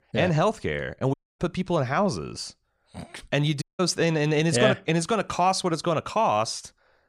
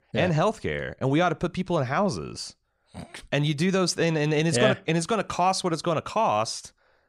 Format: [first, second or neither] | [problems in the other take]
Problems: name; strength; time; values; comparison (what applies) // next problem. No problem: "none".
second | audio cutting out; at 1 s and at 3.5 s